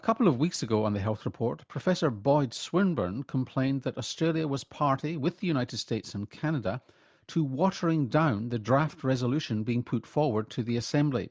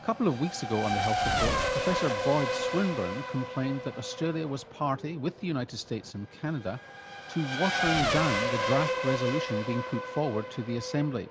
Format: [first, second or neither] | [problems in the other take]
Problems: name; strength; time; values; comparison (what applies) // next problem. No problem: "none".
first | background sound (Race car, auto racing / Accelerating, revving, vroom); 1 dB below the speech